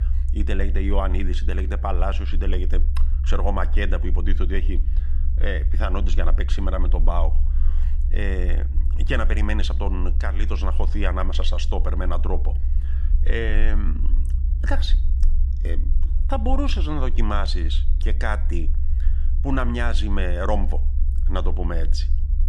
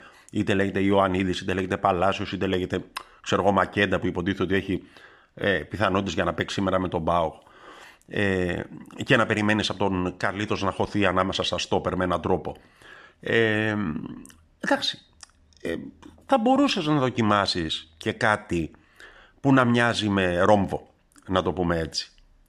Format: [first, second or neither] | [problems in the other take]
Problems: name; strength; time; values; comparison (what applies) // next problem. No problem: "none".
second | low rumble; noticeable; throughout; 15 dB below the speech